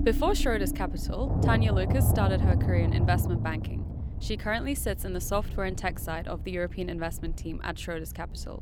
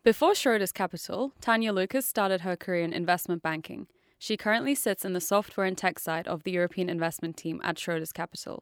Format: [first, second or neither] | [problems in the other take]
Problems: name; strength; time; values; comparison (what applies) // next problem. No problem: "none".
second | low rumble; loud; throughout; 6 dB below the speech